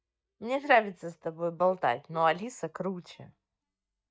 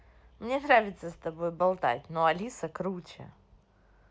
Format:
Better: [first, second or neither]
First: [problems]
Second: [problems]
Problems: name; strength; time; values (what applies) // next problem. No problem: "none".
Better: second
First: noise reduction (neural mask model DeepFilterNet 3)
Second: none